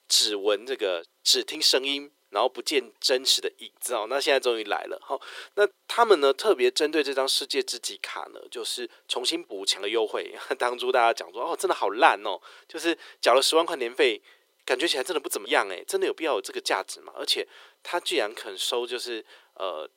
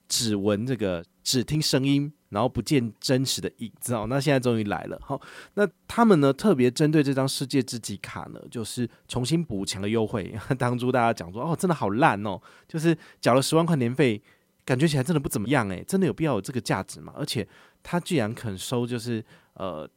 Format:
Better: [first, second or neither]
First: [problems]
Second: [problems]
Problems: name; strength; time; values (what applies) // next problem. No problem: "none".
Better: second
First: thin; very; fading below 350 Hz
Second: none